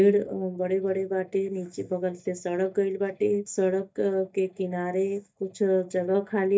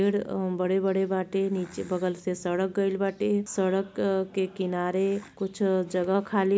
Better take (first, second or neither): second